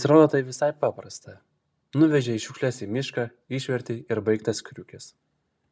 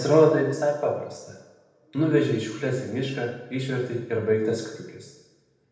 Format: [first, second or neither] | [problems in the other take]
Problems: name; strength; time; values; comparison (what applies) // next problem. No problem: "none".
first | room echo; dies away in 0.9 s